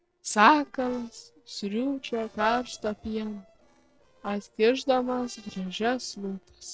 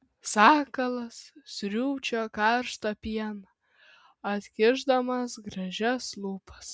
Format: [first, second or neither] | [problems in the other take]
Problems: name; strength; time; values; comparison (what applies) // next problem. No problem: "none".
second | noise reduction (neural separator model SepFormer DNS4)